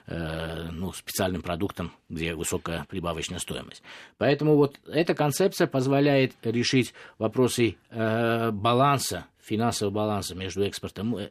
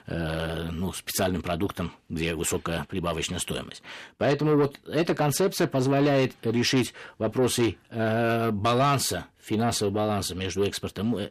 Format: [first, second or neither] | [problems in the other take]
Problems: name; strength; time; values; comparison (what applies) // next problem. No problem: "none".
first | distortion; slight; 10 dB below the speech